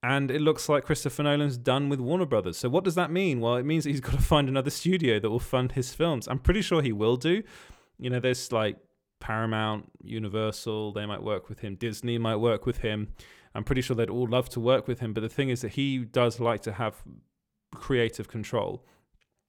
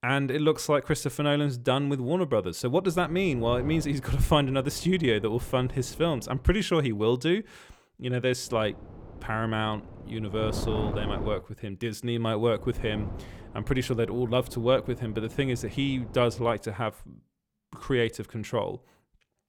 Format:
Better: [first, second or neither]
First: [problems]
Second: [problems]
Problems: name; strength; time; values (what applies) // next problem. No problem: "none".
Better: first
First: none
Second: wind noise on the microphone; occasional gusts; from 3 to 6.5 s, from 8.5 to 11 s and from 13 to 17 s; 15 dB below the speech